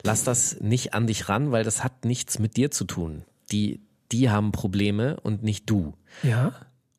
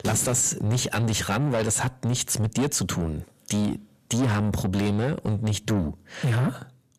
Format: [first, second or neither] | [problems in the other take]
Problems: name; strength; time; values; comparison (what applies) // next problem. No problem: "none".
first | distortion; heavy; 7 dB below the speech